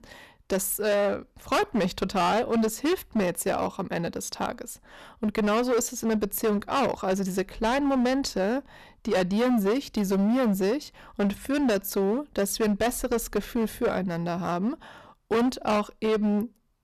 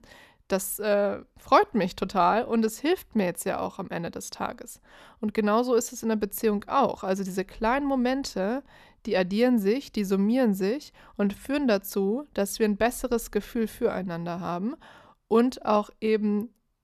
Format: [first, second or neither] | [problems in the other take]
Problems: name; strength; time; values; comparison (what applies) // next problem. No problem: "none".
second | distortion; heavy; 15% of the sound clipped